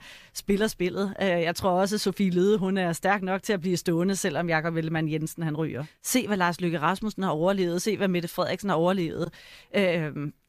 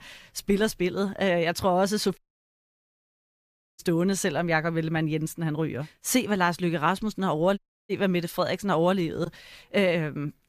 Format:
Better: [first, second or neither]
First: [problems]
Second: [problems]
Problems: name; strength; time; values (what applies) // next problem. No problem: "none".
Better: first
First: none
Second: audio cutting out; at 2 s for 1.5 s and at 7.5 s